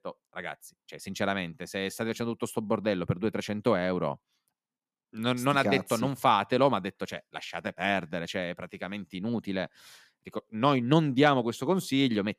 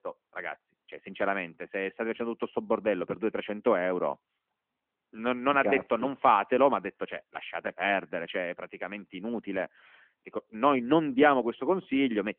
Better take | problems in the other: first | phone-call audio; nothing above 3 kHz

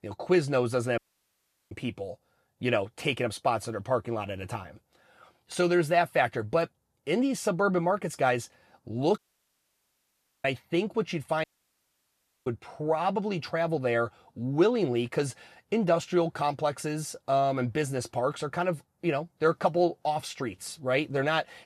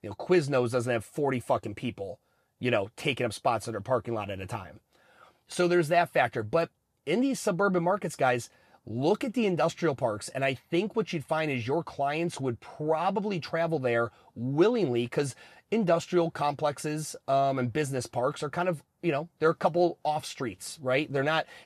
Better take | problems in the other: second | audio cutting out; at 1 s for 0.5 s, at 9 s for 1.5 s and at 11 s for 1 s

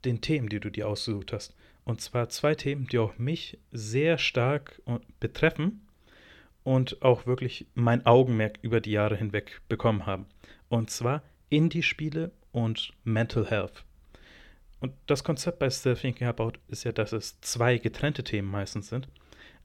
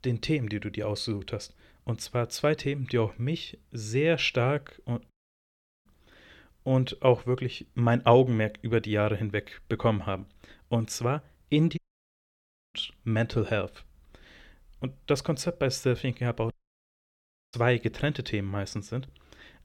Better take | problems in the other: first | audio cutting out; at 5 s for 1 s, at 12 s for 1 s and at 17 s for 1 s

